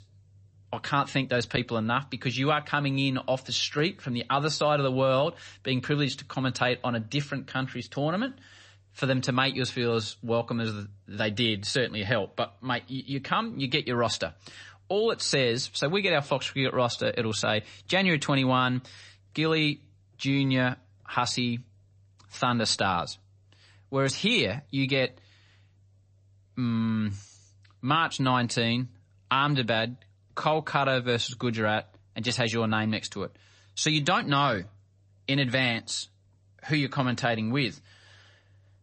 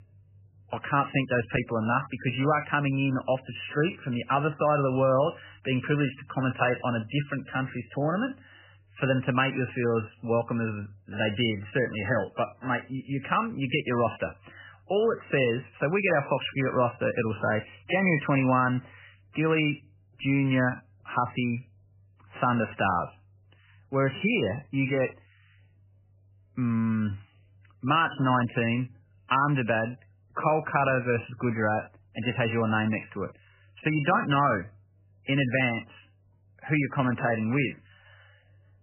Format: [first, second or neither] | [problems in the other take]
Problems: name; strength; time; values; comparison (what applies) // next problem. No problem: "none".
first | garbled, watery; badly; nothing above 3 kHz; slightly in the first